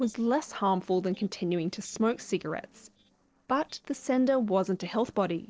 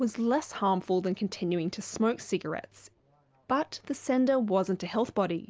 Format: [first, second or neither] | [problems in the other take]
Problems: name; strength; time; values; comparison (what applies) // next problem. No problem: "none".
second | noise reduction (neural separator model SepFormer DNS4)